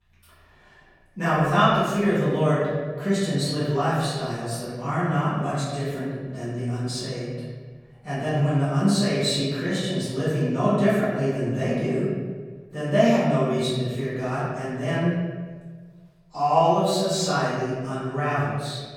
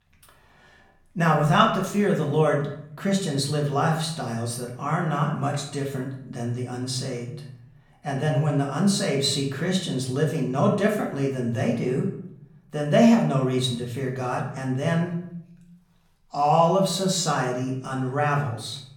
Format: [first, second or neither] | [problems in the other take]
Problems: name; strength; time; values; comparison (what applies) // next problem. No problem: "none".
second | room echo; strong; dies away in 1.4 s; slight in the second // off-mic speech; far; far in the second